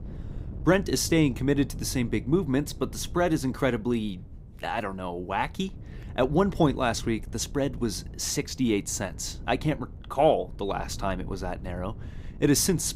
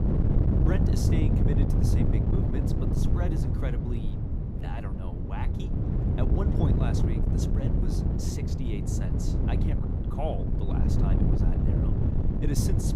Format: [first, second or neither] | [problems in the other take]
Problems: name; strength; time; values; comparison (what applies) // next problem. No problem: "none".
first | wind noise on the microphone; heavy; 3 dB above the speech; occasional gusts in the first